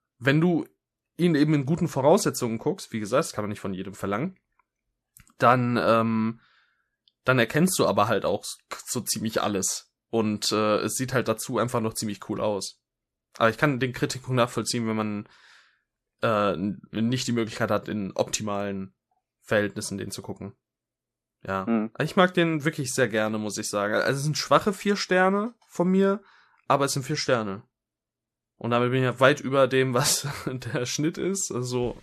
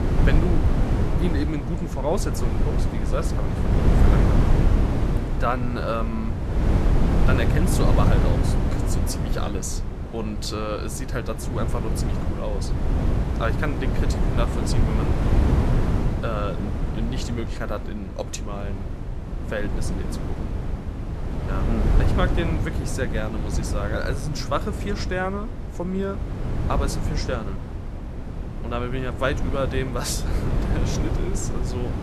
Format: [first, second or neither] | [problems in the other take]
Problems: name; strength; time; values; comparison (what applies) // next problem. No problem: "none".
first | wind noise on the microphone; heavy; 3 dB below the speech